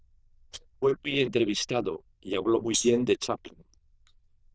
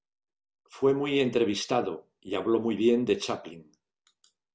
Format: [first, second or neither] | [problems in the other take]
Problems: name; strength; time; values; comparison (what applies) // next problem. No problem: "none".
second | noise reduction (neural diffusion model UNIVERSE++)